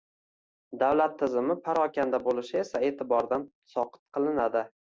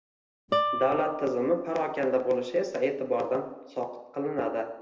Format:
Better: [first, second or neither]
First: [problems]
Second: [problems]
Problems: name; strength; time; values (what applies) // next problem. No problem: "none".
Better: first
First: none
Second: background sound (Guitar); 5 dB below the speech // room echo; dies away in 0.9 s